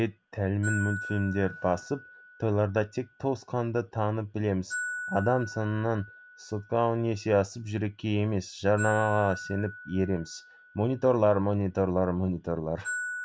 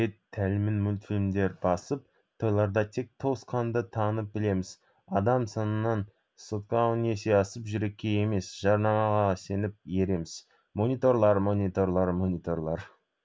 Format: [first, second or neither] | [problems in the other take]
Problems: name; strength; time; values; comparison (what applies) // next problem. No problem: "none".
second | background sound (Glockenspiel); 12 dB below the speech